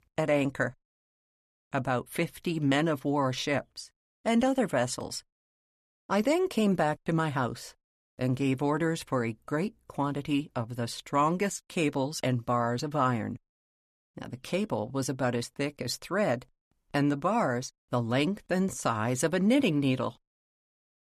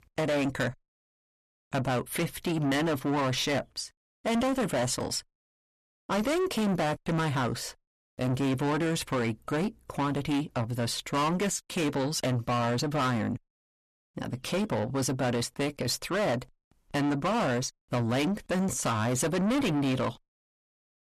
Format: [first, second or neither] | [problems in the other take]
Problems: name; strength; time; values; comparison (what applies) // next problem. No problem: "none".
first | distortion; heavy; 7 dB below the speech